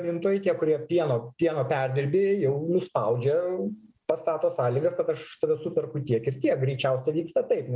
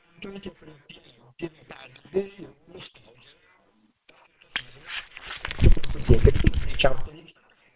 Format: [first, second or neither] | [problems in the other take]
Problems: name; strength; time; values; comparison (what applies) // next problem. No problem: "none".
first | noise reduction (neural separator model SepFormer WHAM!)